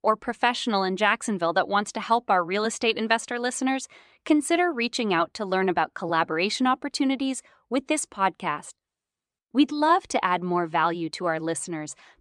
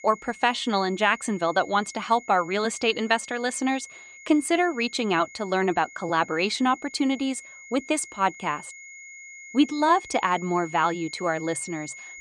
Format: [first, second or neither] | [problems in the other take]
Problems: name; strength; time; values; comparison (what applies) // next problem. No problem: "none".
first | high-pitched whine; noticeable; throughout; 2 kHz, 15 dB below the speech